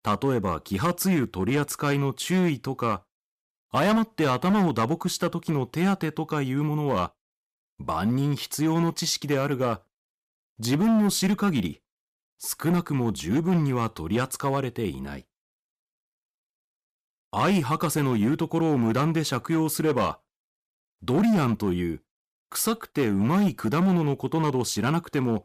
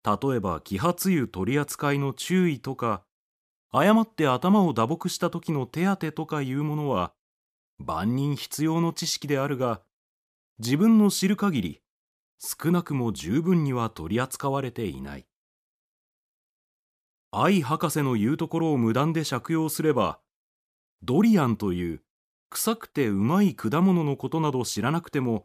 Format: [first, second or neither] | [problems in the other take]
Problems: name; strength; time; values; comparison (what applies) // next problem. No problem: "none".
second | distortion; slight; 7% of the sound clipped